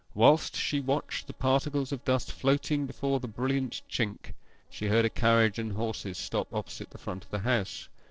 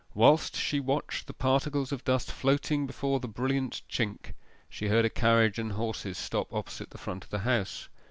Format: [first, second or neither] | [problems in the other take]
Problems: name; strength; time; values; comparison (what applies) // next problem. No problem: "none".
second | noise reduction (neural separator model SepFormer DNS4)